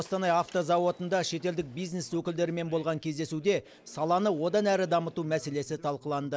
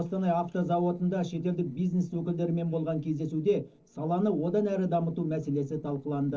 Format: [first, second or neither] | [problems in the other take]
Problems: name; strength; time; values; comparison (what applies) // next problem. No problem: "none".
first | noise reduction (neural separator model SepFormer DNS4)